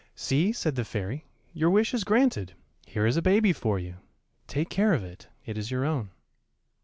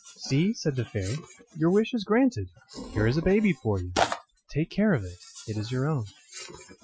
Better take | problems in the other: first | noise reduction (classical method Wiener filter)

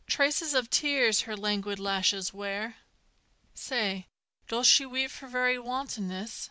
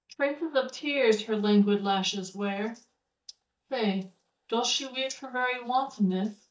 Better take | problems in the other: first | noise reduction (neural mask model DeepFilterNet 3)

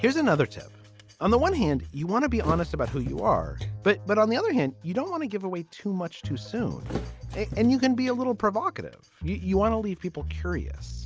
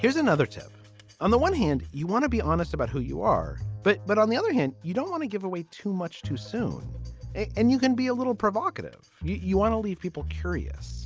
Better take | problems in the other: second | background sound (Thump, thud); 15 dB below the speech

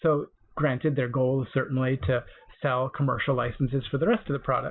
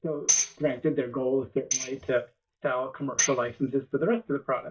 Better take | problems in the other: first | noise reduction (neural mask model DeepFilterNet 3)

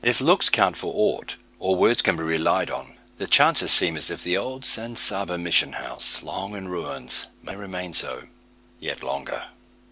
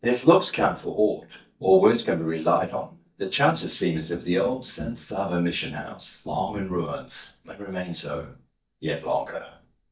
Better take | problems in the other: first | noise reduction (neural mask model DeepFilterNet 3)

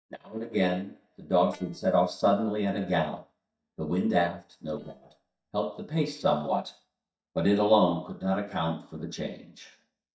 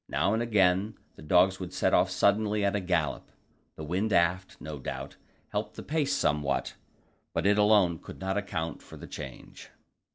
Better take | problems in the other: second | noise reduction (neural mask model DeepFilterNet 3)

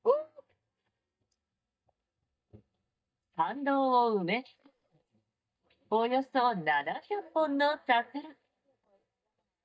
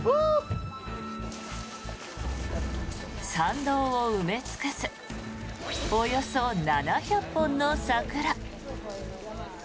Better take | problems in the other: second | noise reduction (neural mask model DeepFilterNet 3)

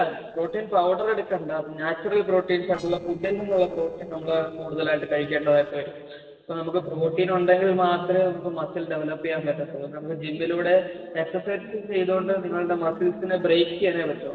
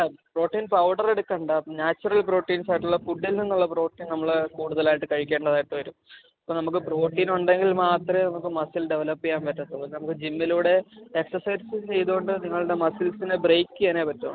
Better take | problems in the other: second | noise reduction (neural separator model SepFormer DNS4)

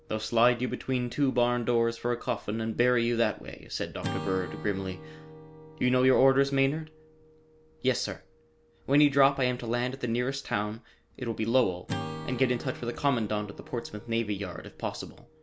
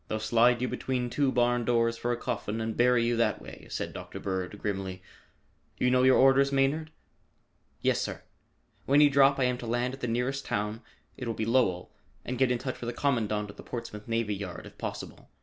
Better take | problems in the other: second | background sound (Acoustic guitar / Strum); 15 dB below the speech

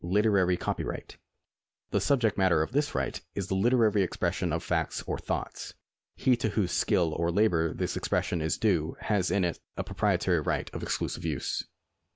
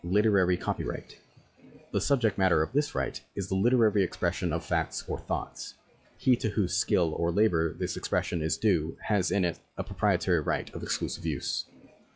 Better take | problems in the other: first | noise reduction (classical method log-MMSE)

